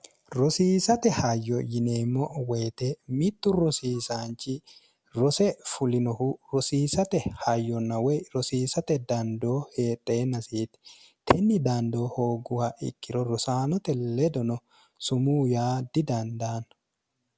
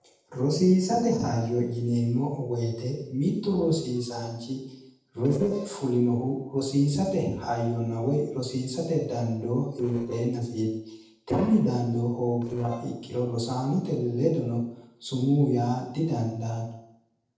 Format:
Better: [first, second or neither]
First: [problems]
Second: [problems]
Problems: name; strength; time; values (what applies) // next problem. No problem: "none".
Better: first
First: none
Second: noise reduction (neural separator model SepFormer DNS4)